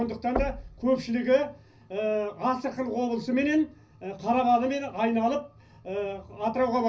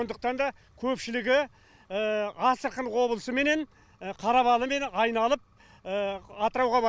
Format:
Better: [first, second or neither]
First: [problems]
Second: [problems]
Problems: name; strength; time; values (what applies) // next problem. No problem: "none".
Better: second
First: background sound (Knock); 11 dB below the speech // room echo; dies away in 0.4 s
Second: none